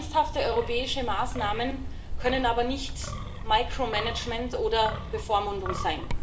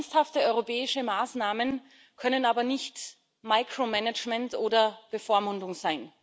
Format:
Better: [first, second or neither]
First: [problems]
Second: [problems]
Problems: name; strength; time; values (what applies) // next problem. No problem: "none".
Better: second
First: background sound (Wind); 4 dB below the speech // room echo; dies away in 0.5 s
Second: none